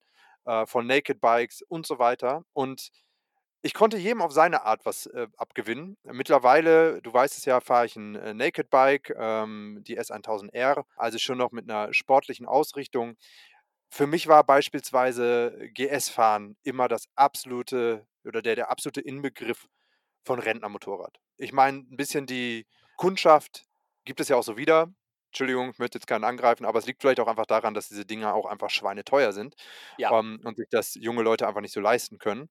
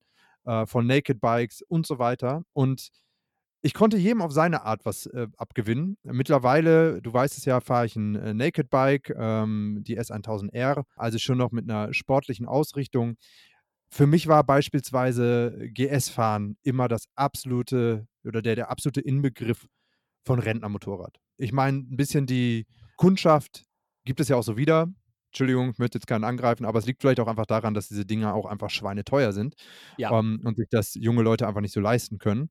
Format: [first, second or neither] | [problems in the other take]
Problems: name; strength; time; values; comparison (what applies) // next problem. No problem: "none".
second | thin; somewhat; fading below 450 Hz